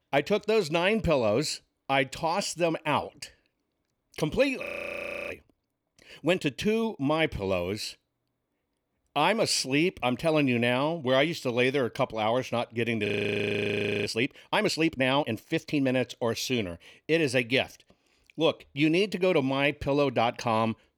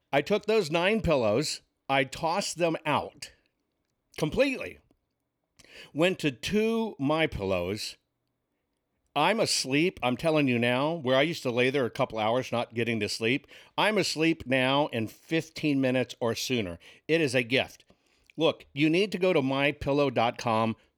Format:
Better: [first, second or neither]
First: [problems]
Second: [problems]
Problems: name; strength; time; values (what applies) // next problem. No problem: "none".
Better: second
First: audio freezing; at 4.5 s for 0.5 s and at 13 s for 1 s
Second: none